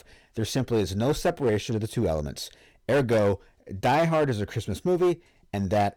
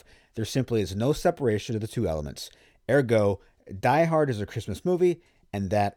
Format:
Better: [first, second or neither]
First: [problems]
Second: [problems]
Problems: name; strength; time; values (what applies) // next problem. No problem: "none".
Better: second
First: distortion; slight; 9% of the sound clipped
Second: none